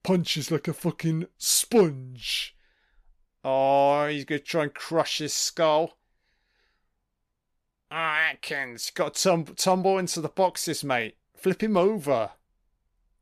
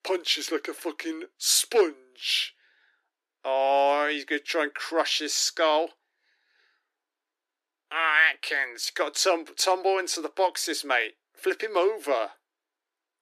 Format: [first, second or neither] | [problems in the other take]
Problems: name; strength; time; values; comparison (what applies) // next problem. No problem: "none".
first | thin; somewhat; fading below 300 Hz